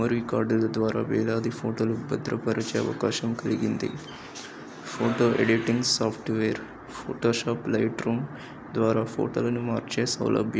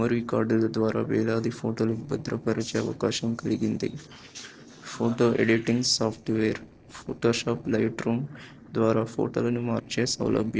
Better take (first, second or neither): first